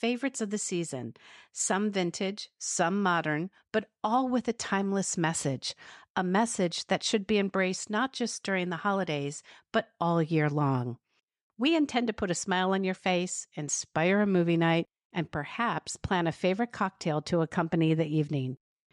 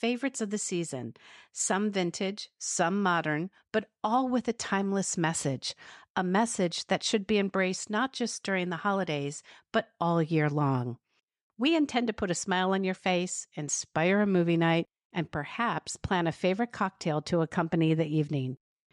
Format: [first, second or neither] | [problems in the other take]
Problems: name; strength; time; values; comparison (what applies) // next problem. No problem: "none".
neither | none